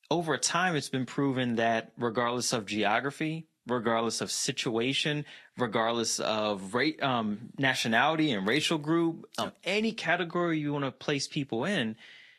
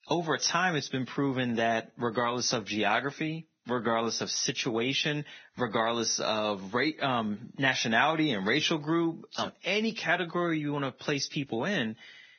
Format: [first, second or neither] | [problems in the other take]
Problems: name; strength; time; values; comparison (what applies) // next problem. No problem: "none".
first | garbled, watery; badly; nothing above 6 kHz; slightly in the first